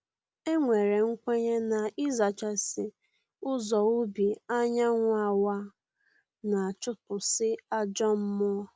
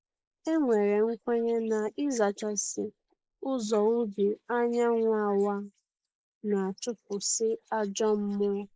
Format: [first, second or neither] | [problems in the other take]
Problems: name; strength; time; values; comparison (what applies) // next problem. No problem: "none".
first | noise reduction (neural mask model Resemble Enhance denoiser)